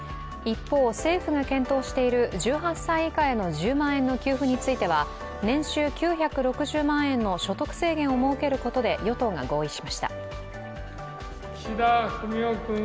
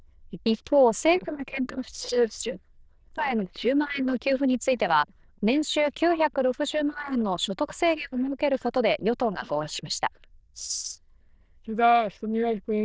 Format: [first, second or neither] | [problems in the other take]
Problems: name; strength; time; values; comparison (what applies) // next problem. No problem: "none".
first | noise reduction (neural diffusion model UNIVERSE++)